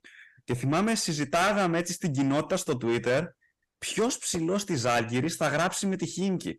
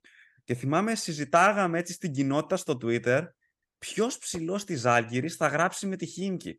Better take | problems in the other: second | distortion; heavy; 7 dB below the speech

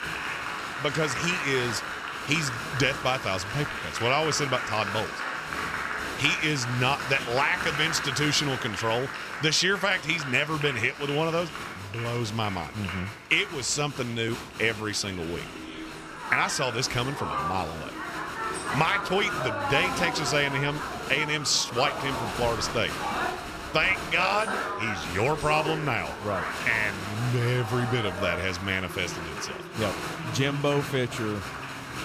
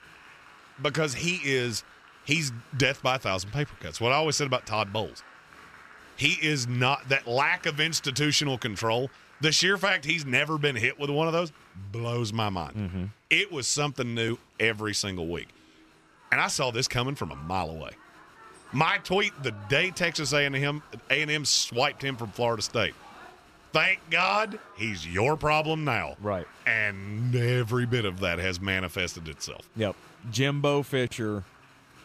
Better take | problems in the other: second | crowd noise; loud; throughout; 6 dB below the speech; faint in the second

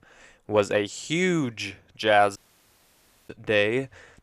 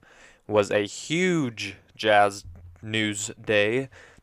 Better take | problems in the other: second | audio cutting out; at 2.5 s for 1 s

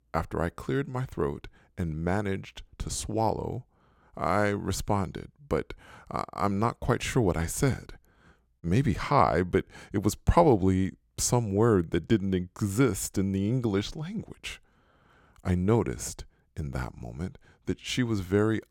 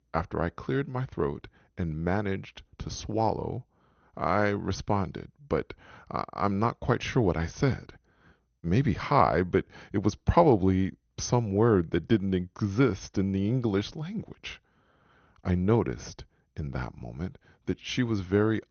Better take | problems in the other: first | garbled, watery; slightly; nothing above 6.5 kHz

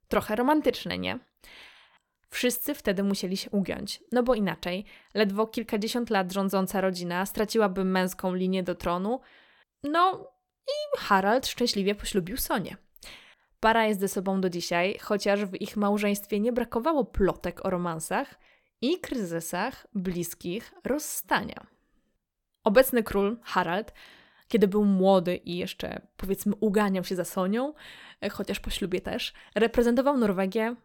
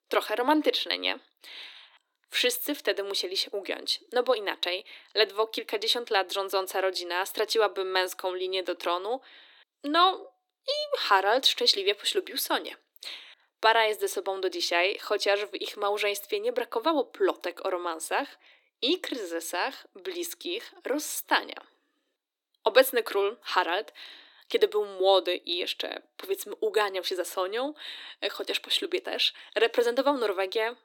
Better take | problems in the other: first | thin; somewhat; fading below 300 Hz

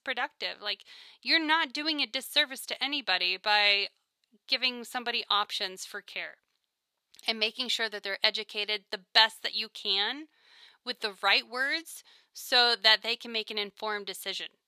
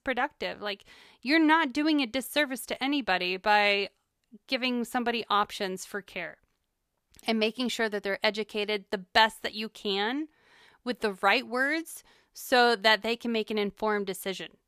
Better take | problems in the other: second | thin; somewhat; fading below 700 Hz

